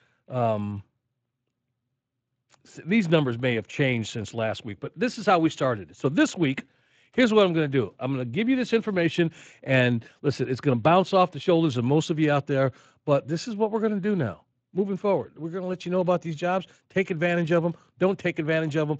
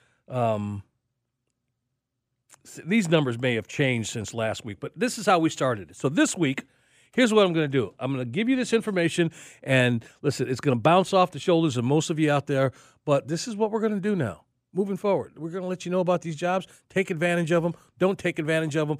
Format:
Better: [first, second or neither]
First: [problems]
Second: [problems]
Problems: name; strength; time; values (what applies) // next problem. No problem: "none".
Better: second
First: garbled, watery; slightly; nothing above 7.5 kHz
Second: none